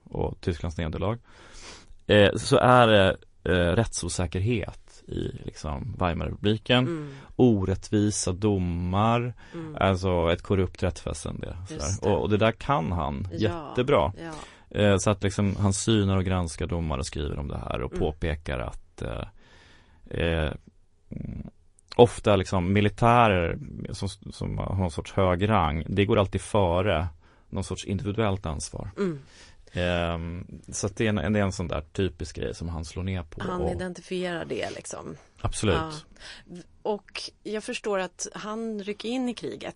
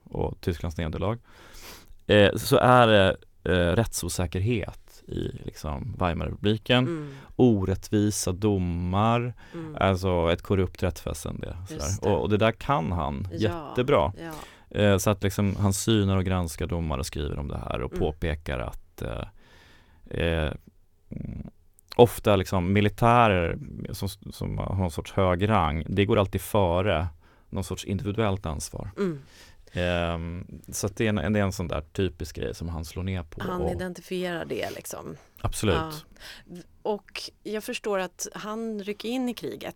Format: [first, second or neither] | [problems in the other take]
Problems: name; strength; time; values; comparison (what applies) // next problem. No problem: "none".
second | garbled, watery; slightly; nothing above 10.5 kHz